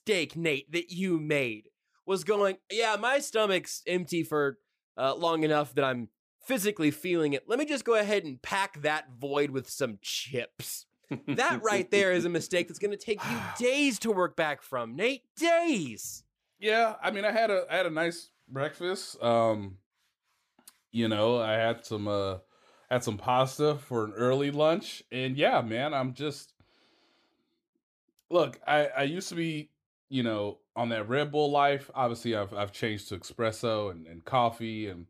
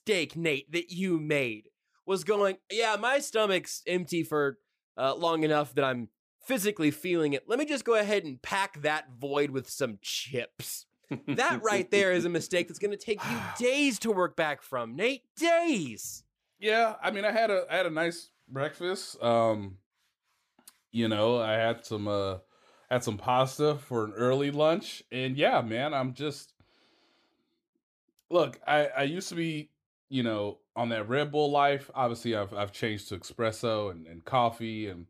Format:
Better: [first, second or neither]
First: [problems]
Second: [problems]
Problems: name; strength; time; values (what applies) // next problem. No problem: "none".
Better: neither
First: none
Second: none